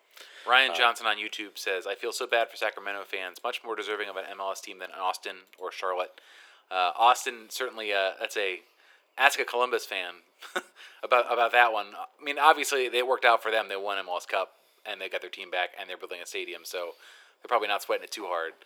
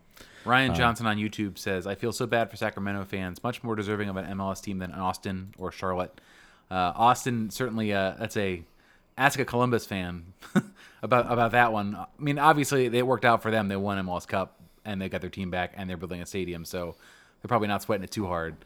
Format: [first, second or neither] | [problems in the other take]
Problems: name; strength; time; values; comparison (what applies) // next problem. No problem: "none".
second | thin; very; fading below 400 Hz